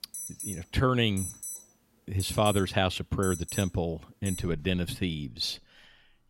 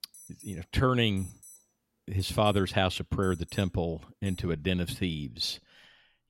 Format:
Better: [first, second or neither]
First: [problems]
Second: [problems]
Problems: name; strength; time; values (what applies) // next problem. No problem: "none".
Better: second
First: alarms or sirens; loud; throughout; 10 dB below the speech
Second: alarms or sirens; faint; throughout; 20 dB below the speech